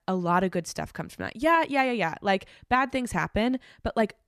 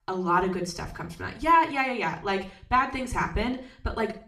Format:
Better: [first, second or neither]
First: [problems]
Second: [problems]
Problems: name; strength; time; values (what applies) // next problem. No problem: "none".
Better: first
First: none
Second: room echo; very slight; dies away in 0.4 s // off-mic speech; somewhat distant